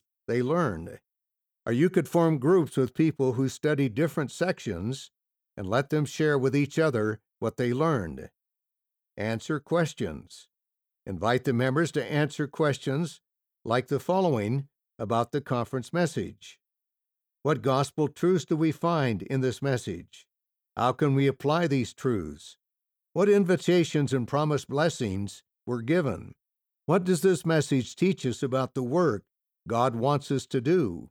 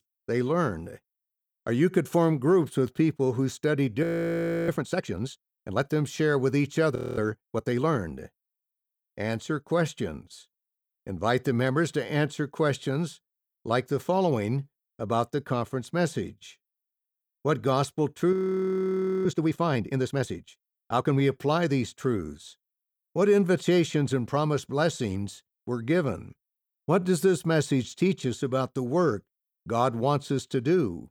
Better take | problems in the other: first | audio freezing; at 4 s for 0.5 s, at 7 s and at 18 s for 1 s

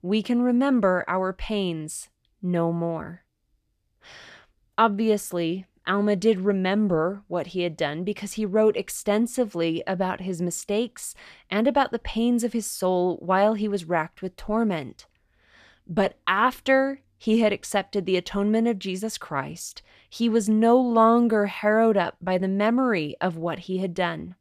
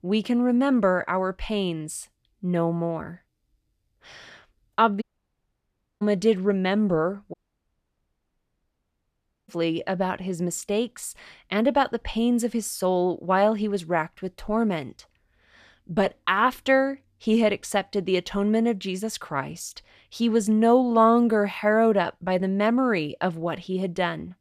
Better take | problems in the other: first | audio cutting out; at 5 s for 1 s and at 7.5 s for 2 s

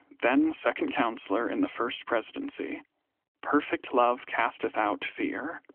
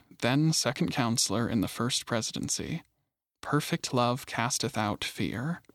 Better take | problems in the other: second | phone-call audio; nothing above 3.5 kHz

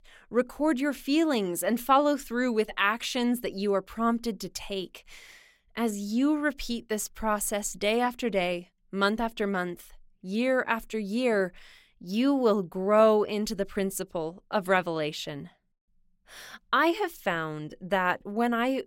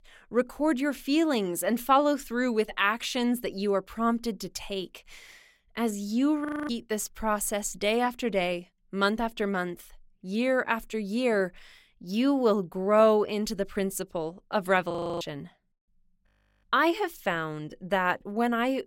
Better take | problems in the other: first | audio freezing; at 6.5 s, at 15 s and at 16 s

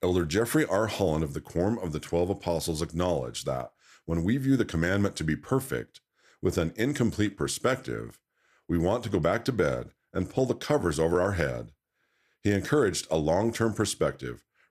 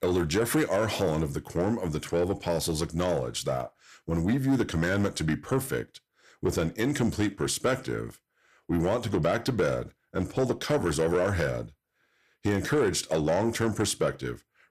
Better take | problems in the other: first | distortion; slight; 10 dB below the speech

